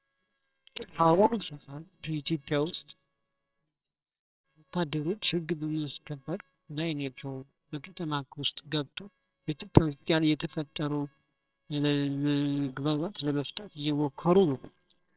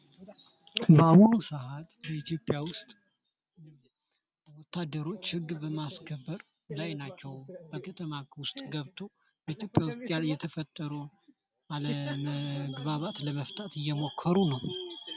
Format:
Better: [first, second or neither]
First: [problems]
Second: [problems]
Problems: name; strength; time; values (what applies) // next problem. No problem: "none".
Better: second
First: noise reduction (neural separator model SepFormer WHAMR!)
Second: none